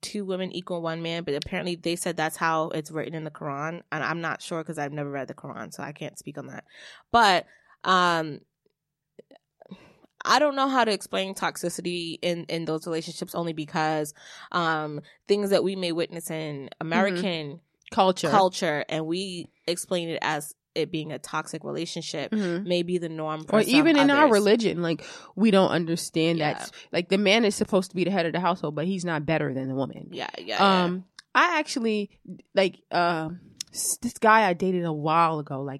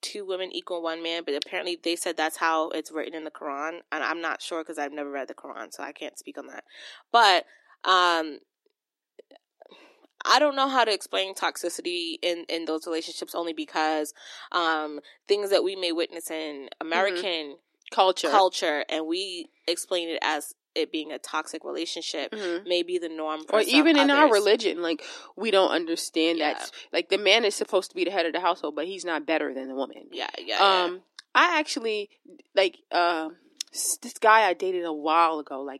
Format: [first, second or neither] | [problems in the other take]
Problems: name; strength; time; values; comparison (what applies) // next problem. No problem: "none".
first | thin; somewhat; fading below 300 Hz